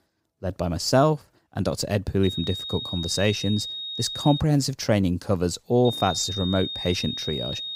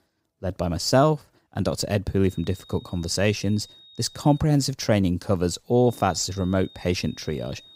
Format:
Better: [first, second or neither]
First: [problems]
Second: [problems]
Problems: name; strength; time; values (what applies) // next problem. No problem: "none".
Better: second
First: high-pitched whine; loud; from 2 to 4.5 s and from 6 s on; 3.5 kHz, 6 dB below the speech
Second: high-pitched whine; faint; from 2 to 4.5 s and from 6 s on; 3.5 kHz, 25 dB below the speech